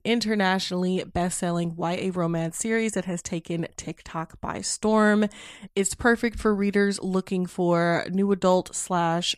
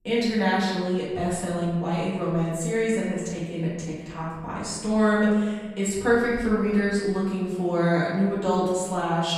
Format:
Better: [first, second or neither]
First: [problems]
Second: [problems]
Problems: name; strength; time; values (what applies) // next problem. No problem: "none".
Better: first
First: none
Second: room echo; noticeable; dies away in 1.3 s // off-mic speech; far